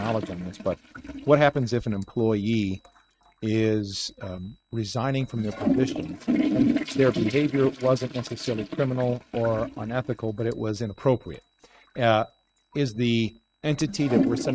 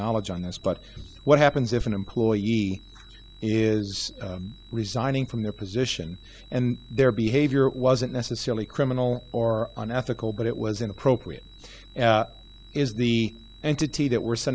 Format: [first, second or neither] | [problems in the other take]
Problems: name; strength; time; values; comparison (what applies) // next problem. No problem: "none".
second | noise reduction (neural mask model RNNoise)